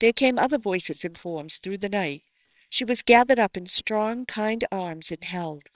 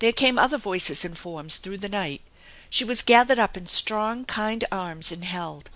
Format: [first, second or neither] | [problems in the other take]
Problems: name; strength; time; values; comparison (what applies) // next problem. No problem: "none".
second | noise reduction (neural separator model SepFormer WHAMR!)